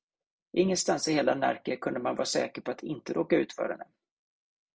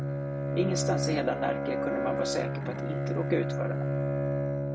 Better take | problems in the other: first | background sound (Bowed string instrument); 3 dB above the speech

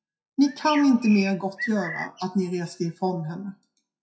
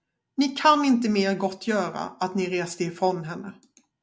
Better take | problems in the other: second | noise reduction (classical method WPE with log-MMSE)

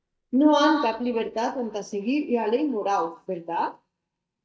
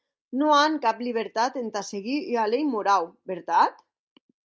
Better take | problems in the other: second | noise reduction (neural mask model DeepFilterNet 3)

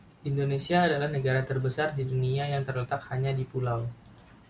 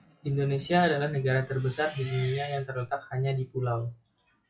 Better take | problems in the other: first | noise reduction (classical method log-MMSE)

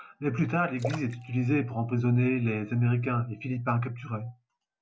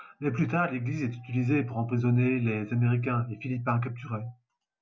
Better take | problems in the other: second | background sound (Splash, splatter); 15 dB below the speech

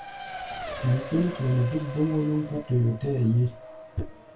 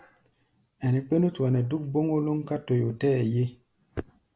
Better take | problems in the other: second | background sound (Race car, auto racing); 13 dB below the speech // room echo; dies away in 0.1 s

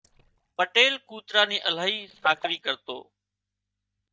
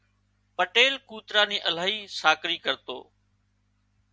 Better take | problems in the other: second | noise reduction (neural mask model DeepFilterNet 3)

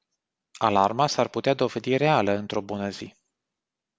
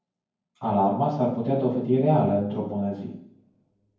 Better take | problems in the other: first | room echo; dies away in 0.9 s

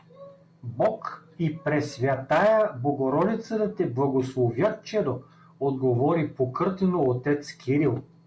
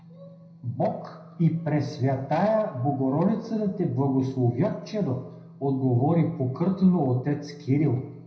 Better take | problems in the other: first | room echo; dies away in 0.8 s

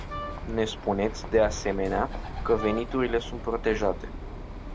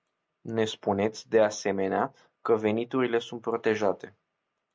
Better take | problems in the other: second | background sound (Bird + Wind instrument, woodwind instrument); 7 dB below the speech

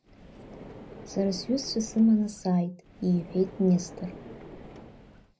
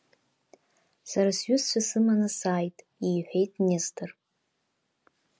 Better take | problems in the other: second | background sound (Car); 17 dB below the speech // room echo; dies away in 0.4 s

